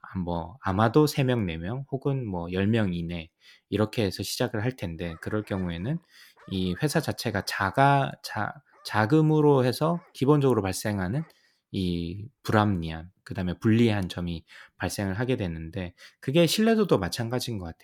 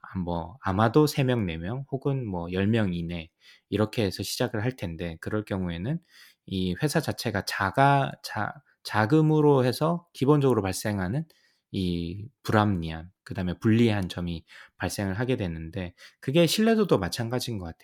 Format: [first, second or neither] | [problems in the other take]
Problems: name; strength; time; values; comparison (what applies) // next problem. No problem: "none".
second | animal sounds; faint; from 4.5 s on; 30 dB below the speech